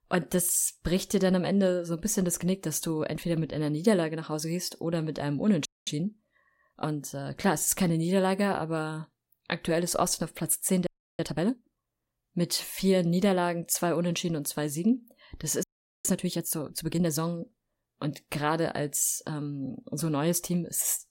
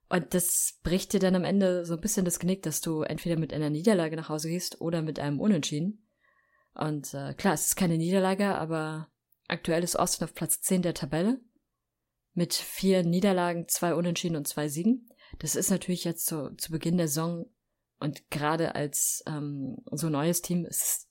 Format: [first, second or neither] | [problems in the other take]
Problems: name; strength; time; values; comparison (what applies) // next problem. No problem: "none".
second | audio freezing; at 5.5 s, at 11 s and at 16 s